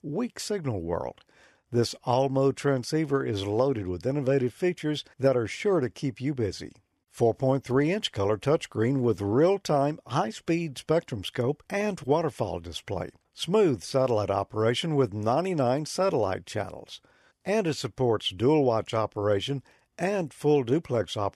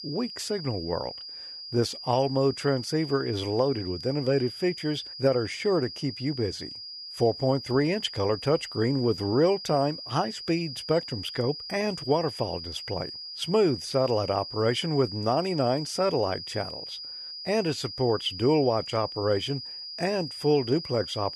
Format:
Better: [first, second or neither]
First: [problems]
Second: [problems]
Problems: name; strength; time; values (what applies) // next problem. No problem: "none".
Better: first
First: none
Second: high-pitched whine; loud; throughout; 5 kHz, 9 dB below the speech